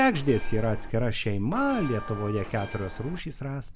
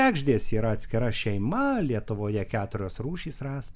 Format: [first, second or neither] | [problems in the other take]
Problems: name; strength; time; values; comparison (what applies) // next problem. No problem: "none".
second | background sound (Wind instrument, woodwind instrument + Bell); 15 dB below the speech